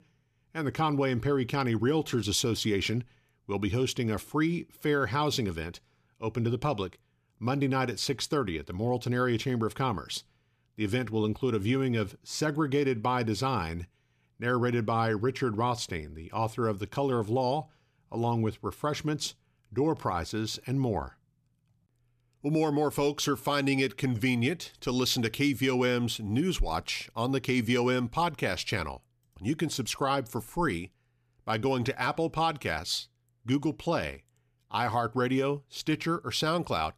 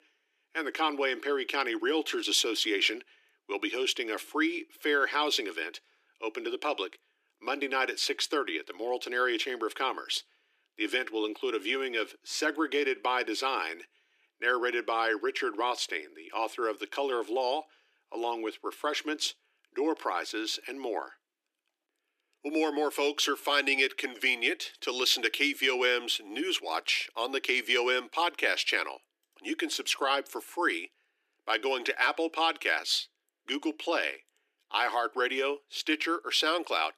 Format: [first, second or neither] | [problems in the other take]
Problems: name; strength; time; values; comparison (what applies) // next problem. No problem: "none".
first | thin; very; fading below 300 Hz